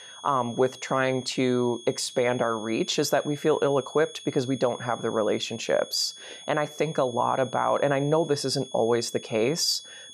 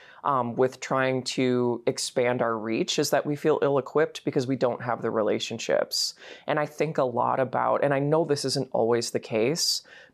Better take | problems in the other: second | high-pitched whine; noticeable; throughout; 3.5 kHz, 15 dB below the speech

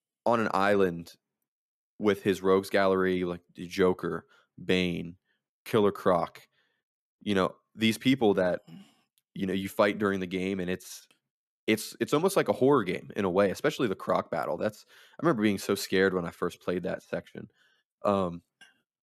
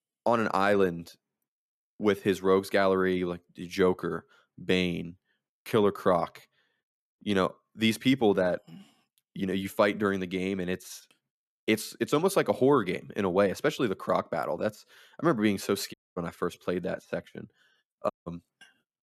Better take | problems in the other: first | audio cutting out; at 16 s and at 18 s

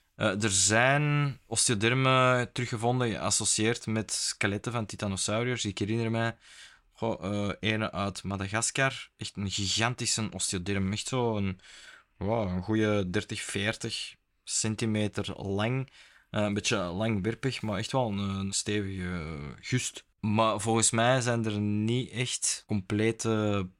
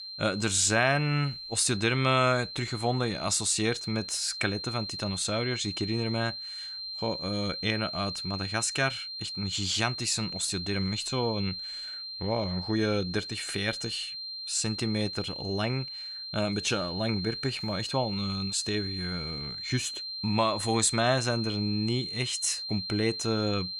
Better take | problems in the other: first | high-pitched whine; loud; throughout; 4 kHz, 6 dB below the speech

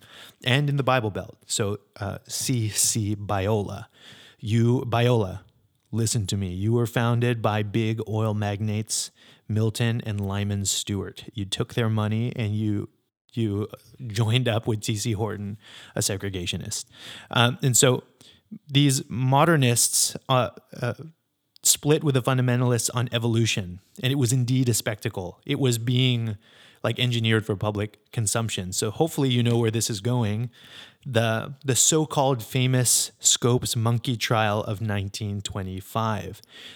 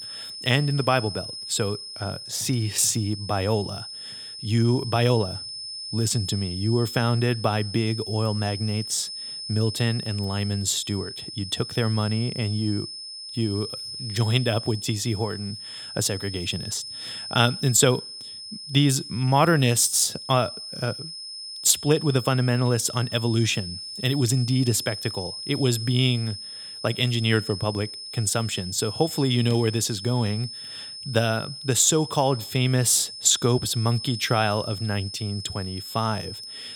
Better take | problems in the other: first | high-pitched whine; loud; throughout; 5 kHz, 10 dB below the speech

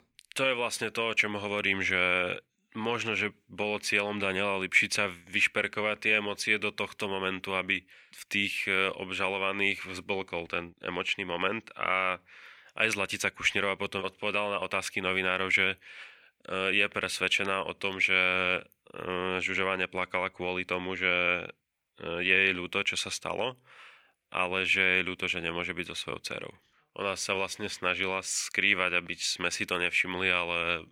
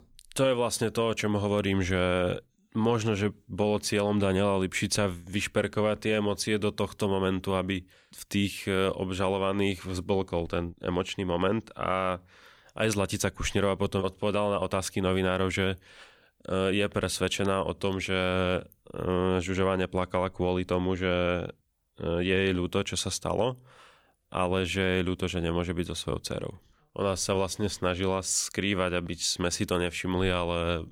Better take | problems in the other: second | thin; somewhat; fading below 250 Hz

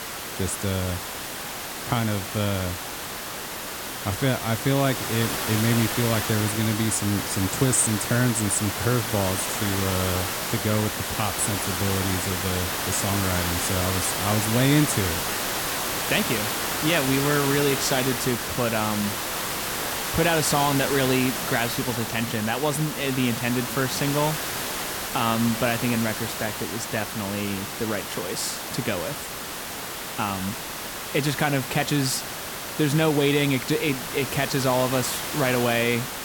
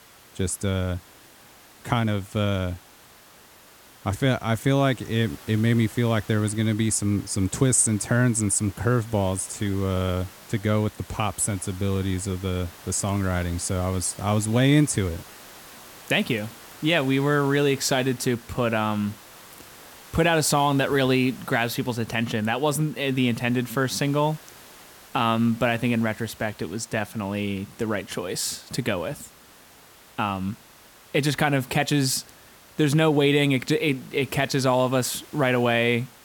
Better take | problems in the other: second | hiss; loud; throughout; 2 dB below the speech; faint in the second

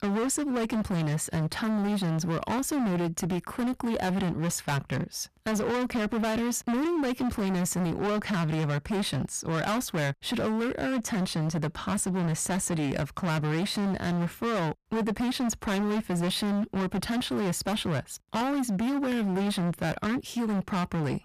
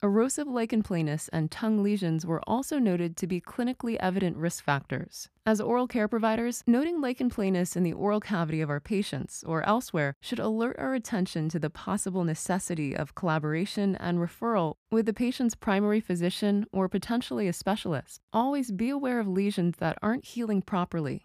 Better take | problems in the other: second | distortion; heavy; 34% of the sound clipped

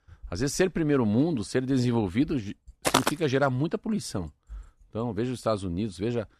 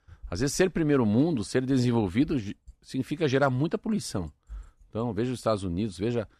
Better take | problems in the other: second | footsteps; loud; at 3 s; peak 2 dB above the speech

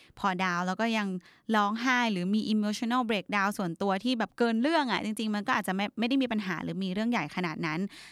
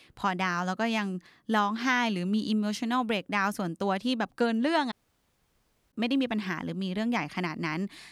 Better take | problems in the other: first | audio cutting out; at 5 s for 1 s

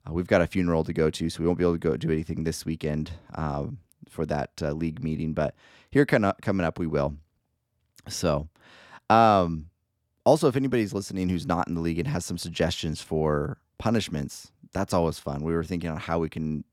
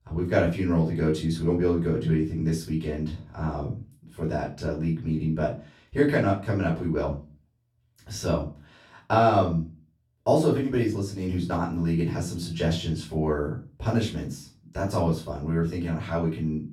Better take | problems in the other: first | off-mic speech; far // room echo; slight; dies away in 0.3 s

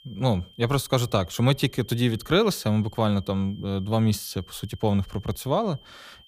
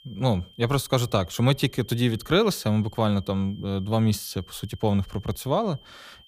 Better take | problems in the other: neither | high-pitched whine; faint; throughout; 3 kHz, 25 dB below the speech; the same in both

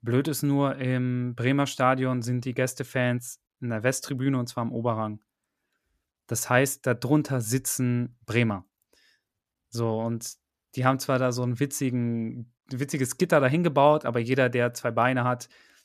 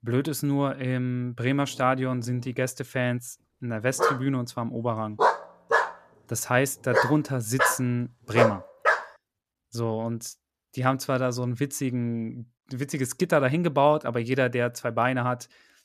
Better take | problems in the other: first | dog barking; loud; from 4 to 9 s; peak 3 dB above the speech

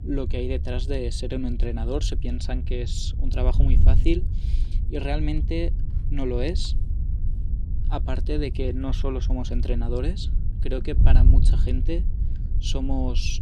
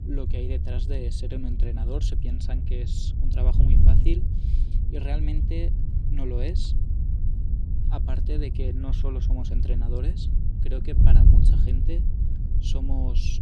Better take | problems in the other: first | wind noise on the microphone; heavy; 2 dB below the speech; occasional gusts in the first

